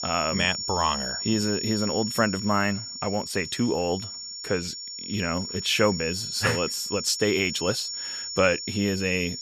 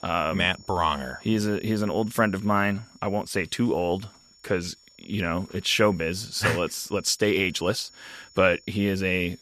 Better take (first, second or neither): second